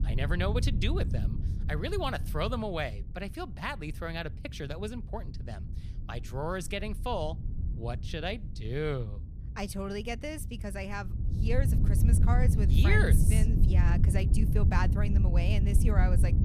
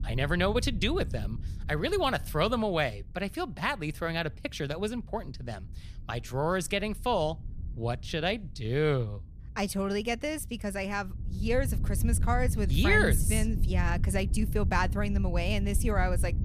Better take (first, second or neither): second